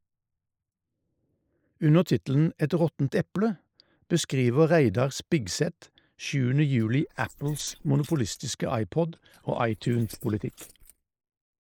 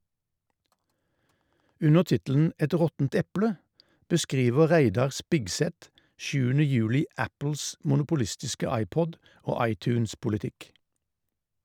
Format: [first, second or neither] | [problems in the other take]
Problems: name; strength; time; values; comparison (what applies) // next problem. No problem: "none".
second | noise reduction (neural mask model Resemble Enhance denoiser)